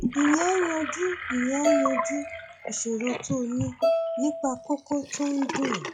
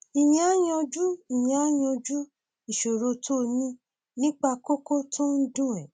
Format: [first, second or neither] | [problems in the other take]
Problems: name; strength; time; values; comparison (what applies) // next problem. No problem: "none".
second | noise reduction (classical method log-MMSE)